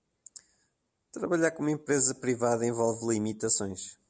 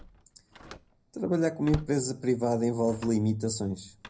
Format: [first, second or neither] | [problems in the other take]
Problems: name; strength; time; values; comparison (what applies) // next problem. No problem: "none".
first | background sound (Slam); 16 dB below the speech // room echo; dies away in 0.4 s